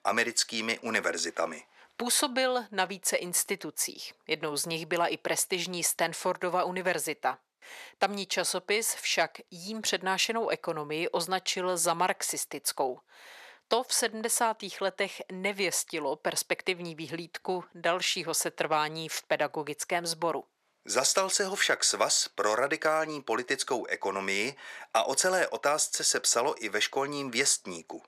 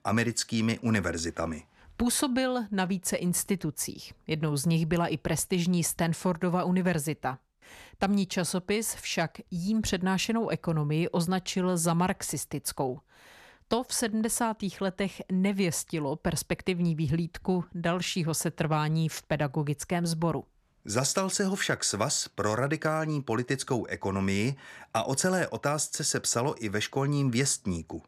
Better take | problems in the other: second | thin; very; fading below 500 Hz

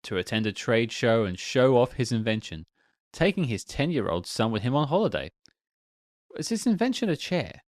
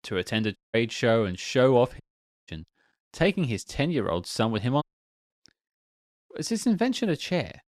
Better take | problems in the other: first | audio cutting out; at 0.5 s, at 2 s and at 5 s

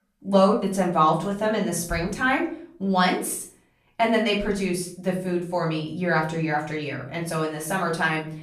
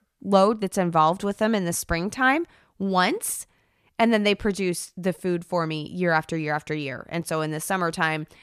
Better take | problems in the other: second | off-mic speech; far // room echo; slight; dies away in 0.4 s

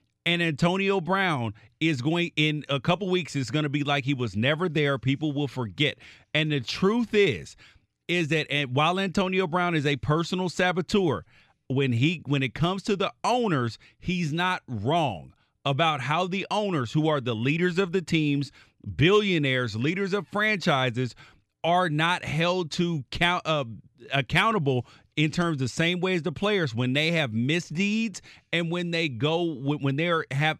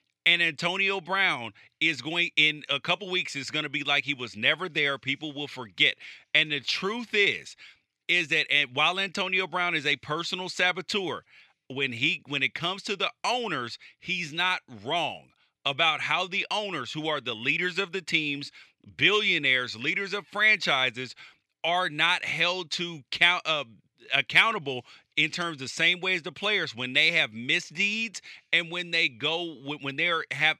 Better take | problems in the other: first | thin; somewhat; fading below 550 Hz

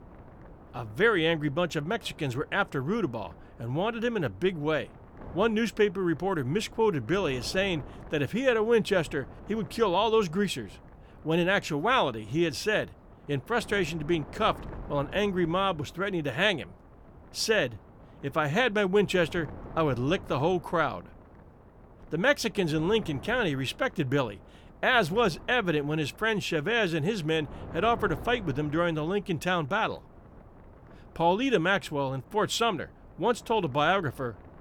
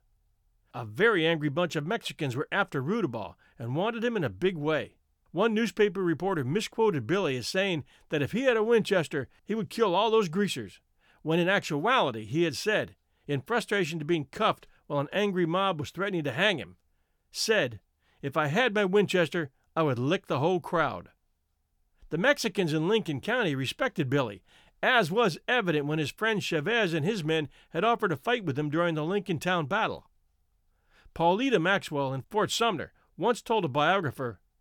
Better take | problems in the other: second | wind noise on the microphone; occasional gusts; 25 dB below the speech

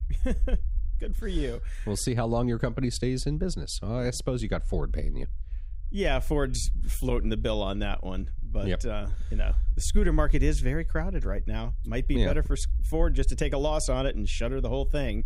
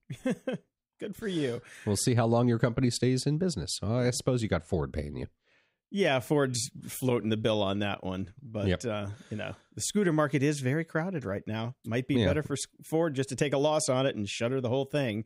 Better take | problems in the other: second | low rumble; faint; throughout; 25 dB below the speech

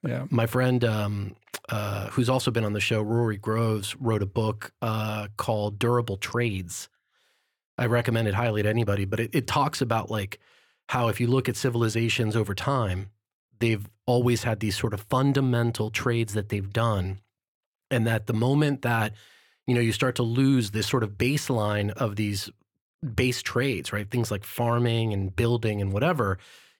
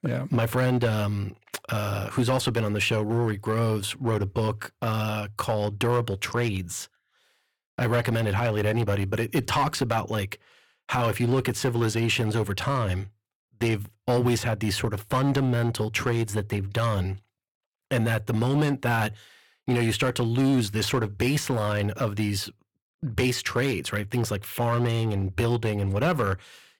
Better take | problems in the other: first | distortion; slight; 5% of the sound clipped

